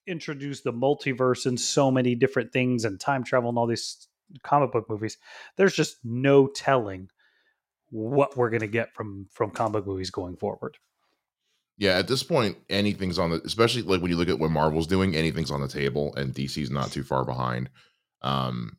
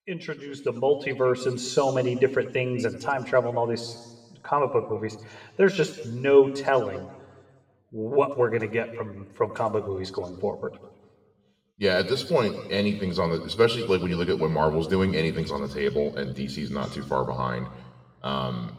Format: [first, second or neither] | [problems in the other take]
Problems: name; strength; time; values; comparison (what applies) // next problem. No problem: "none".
first | room echo; slight; dies away in 1.3 s // off-mic speech; somewhat distant